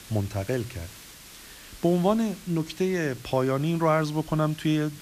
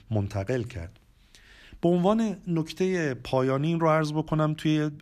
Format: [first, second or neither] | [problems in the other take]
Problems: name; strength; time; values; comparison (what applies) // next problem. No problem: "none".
second | hiss; noticeable; throughout; 20 dB below the speech